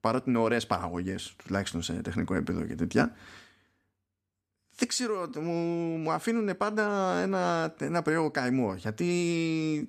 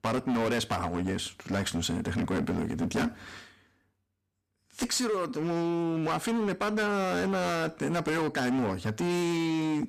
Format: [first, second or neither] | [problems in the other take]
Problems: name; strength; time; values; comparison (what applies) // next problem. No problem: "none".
first | distortion; heavy; 21% of the sound clipped